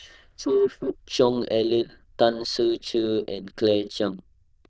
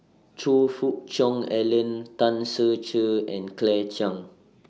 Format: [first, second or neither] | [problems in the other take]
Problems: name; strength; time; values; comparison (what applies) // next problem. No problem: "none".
second | noise reduction (neural diffusion model UNIVERSE++)